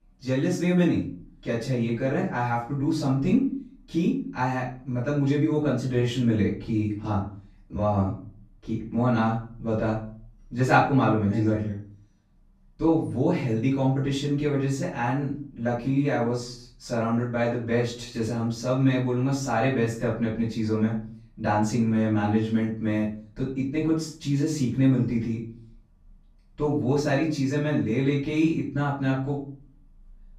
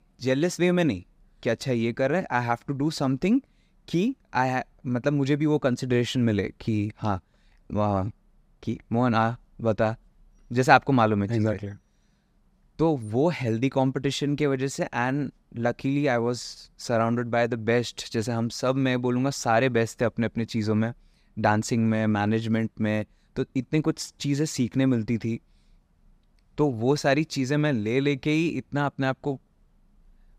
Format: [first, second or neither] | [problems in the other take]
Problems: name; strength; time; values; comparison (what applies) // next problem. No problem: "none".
second | off-mic speech; far // room echo; noticeable; dies away in 0.4 s